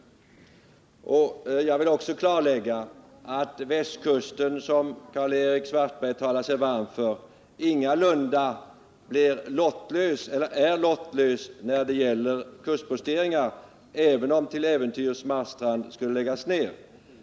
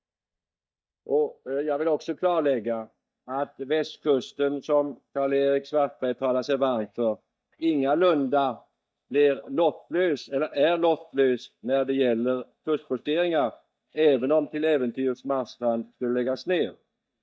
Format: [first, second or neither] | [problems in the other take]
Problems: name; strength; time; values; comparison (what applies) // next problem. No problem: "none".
first | noise reduction (neural mask model DeepFilterNet 3)